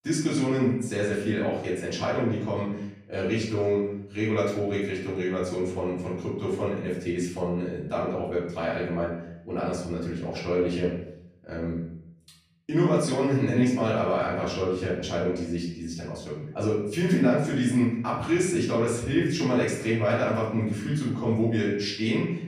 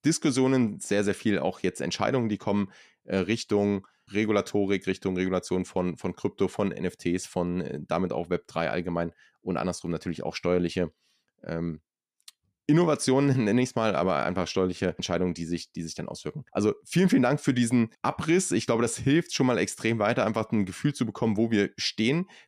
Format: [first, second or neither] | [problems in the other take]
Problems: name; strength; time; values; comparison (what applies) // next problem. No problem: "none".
second | off-mic speech; far // room echo; noticeable; dies away in 0.7 s